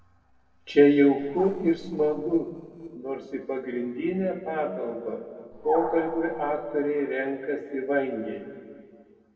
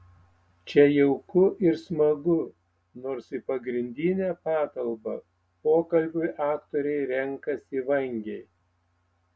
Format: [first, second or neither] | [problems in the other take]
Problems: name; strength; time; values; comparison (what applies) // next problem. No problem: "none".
second | noise reduction (neural separator model SepFormer DNS4)